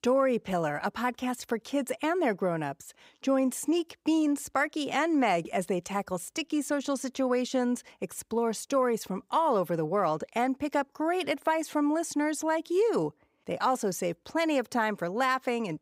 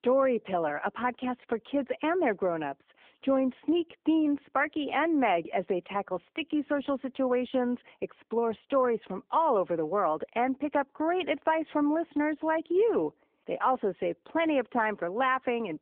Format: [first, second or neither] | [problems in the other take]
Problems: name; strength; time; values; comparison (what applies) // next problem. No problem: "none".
first | phone-call audio